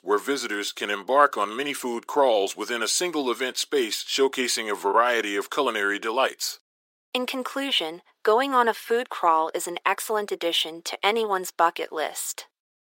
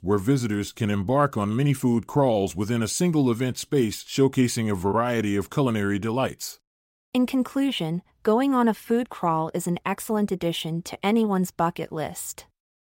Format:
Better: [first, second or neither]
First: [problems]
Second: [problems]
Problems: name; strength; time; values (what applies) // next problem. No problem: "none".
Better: second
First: thin; very; fading below 350 Hz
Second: none